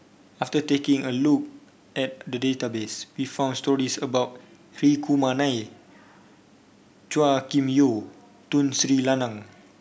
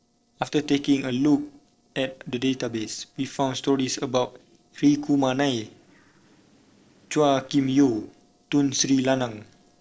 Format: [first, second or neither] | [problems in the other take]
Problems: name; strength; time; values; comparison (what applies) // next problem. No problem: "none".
first | noise reduction (neural separator model SepFormer DNS4)